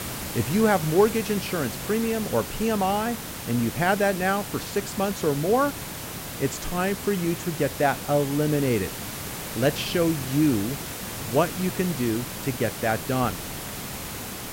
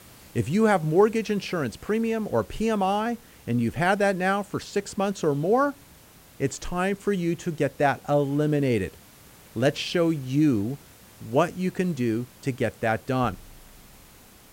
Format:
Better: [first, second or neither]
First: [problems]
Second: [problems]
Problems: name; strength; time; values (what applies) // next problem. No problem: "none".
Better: second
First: hiss; loud; throughout; 7 dB below the speech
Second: hiss; faint; throughout; 25 dB below the speech